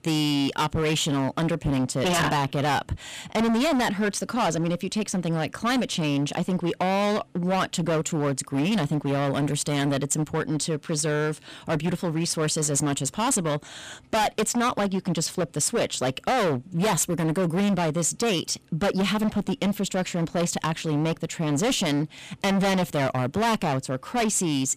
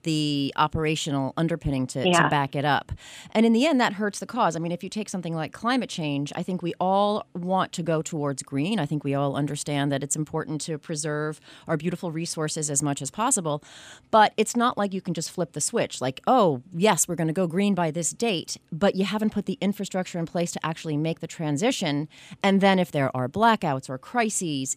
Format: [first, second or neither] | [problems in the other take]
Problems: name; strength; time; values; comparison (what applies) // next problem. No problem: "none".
second | distortion; heavy; 21% of the sound clipped